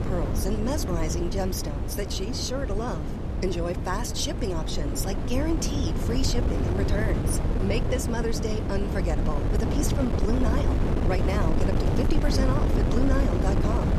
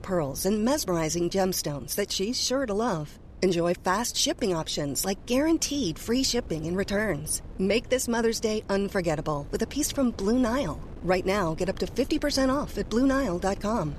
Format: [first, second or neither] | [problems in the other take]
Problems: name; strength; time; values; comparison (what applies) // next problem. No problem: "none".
second | wind noise on the microphone; heavy; 2 dB below the speech; occasional gusts in the second